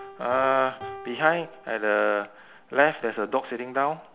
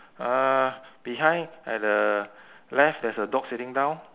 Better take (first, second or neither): second